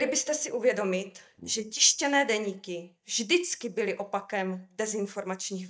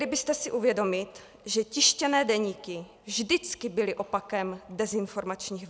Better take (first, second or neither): second